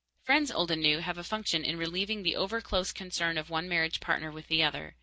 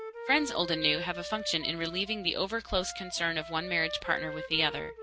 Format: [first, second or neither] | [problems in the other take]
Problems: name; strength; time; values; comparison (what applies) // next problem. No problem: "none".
first | background sound (Wind instrument, woodwind instrument); 10 dB below the speech